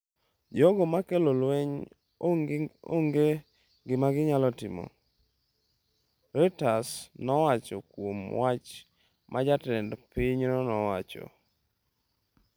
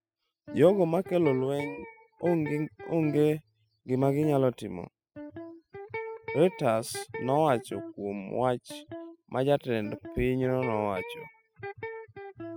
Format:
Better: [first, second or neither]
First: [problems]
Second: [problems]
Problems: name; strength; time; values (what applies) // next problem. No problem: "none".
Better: first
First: none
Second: noise reduction (classical method spectral subtraction)